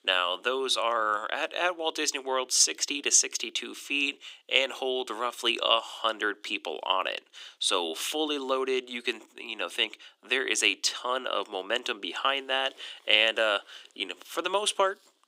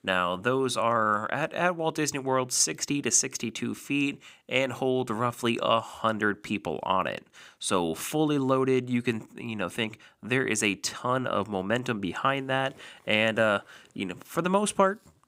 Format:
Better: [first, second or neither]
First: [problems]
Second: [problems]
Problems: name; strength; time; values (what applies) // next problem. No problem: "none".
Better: second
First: thin; somewhat; fading below 300 Hz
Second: none